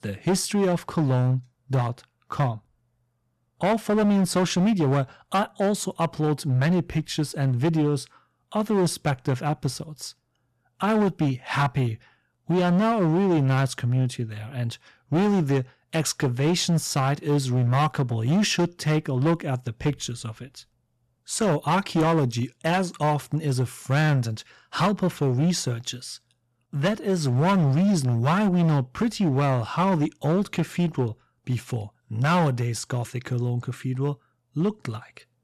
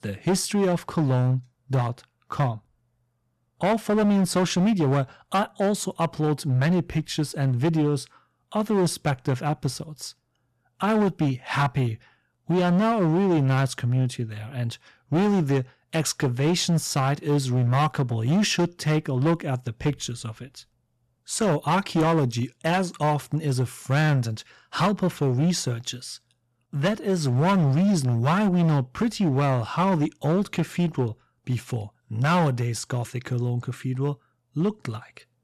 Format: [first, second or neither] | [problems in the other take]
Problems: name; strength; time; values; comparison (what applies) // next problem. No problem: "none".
neither | distortion; slight; 11% of the sound clipped; the same in both